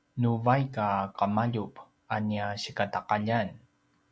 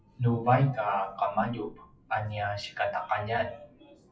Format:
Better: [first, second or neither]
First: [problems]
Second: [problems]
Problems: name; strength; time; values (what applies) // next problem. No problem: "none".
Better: first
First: none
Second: noise reduction (classical method WPE with log-MMSE)